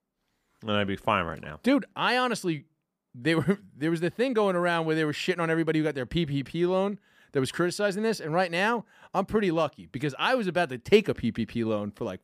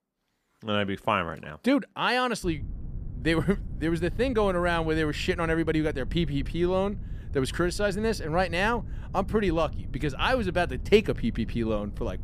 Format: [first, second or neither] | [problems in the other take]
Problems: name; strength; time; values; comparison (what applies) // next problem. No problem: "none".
first | wind noise on the microphone; occasional gusts; from 2.5 s on; 25 dB below the speech